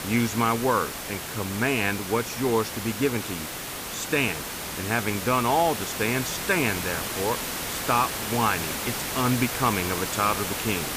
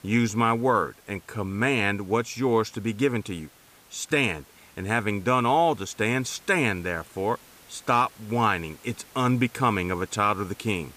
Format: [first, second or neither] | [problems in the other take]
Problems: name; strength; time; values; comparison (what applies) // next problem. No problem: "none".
second | hiss; loud; throughout; 4 dB below the speech; faint in the second